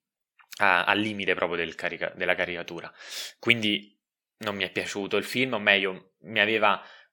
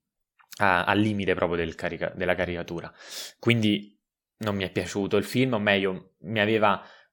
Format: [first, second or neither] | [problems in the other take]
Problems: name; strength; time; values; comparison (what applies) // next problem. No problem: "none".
second | thin; very slightly; fading below 650 Hz